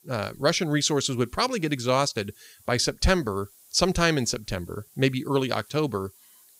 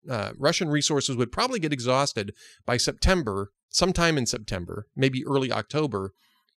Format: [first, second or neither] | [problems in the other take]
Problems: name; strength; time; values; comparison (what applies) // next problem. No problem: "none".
second | hiss; faint; throughout; 25 dB below the speech